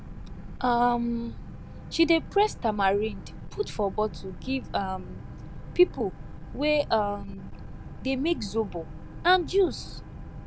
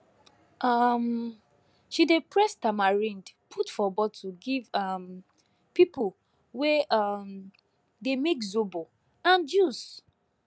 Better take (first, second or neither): second